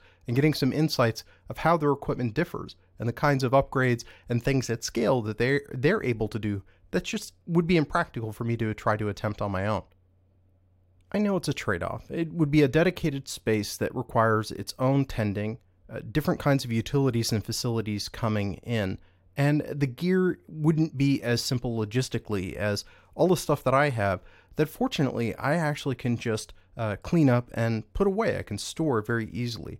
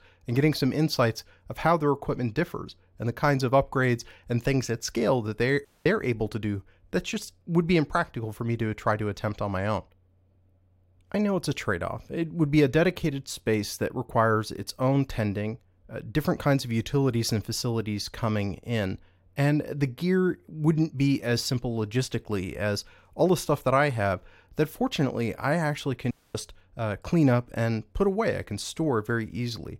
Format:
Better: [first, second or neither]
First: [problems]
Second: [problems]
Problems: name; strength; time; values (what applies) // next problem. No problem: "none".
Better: first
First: none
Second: audio cutting out; at 5.5 s and at 26 s